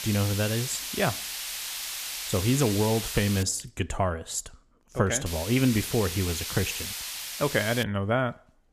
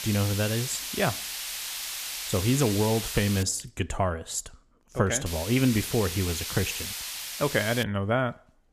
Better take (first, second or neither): neither